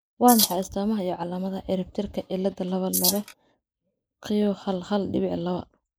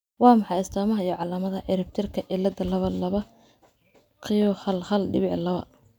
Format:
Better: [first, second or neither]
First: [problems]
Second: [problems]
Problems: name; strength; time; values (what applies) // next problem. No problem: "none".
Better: second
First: noise reduction (neural mask model Resemble Enhance denoiser)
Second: none